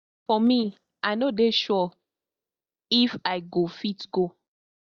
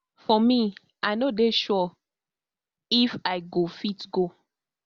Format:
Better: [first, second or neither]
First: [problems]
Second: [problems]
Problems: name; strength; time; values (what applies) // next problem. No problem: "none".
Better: second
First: noise reduction (neural mask model DeepFilterNet 3)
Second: none